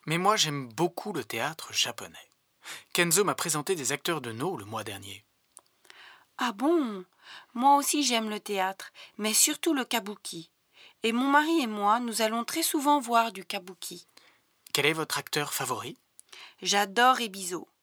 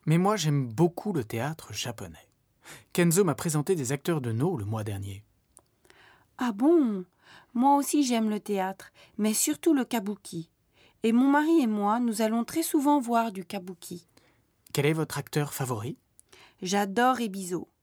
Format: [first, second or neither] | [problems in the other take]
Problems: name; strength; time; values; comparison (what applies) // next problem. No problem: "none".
second | thin; somewhat; fading below 650 Hz